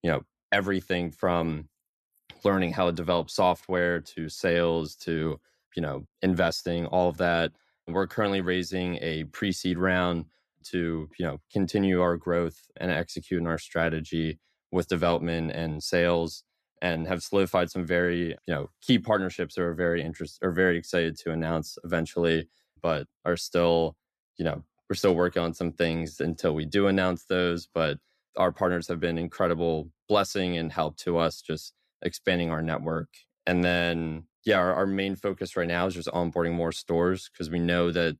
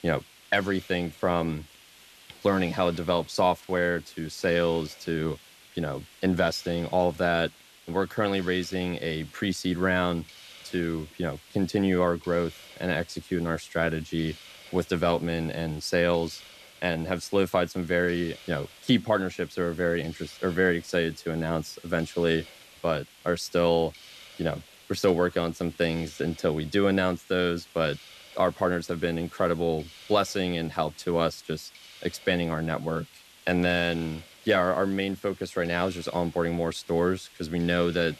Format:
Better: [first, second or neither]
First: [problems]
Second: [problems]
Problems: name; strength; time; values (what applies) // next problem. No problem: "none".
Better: first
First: none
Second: hiss; faint; throughout; 20 dB below the speech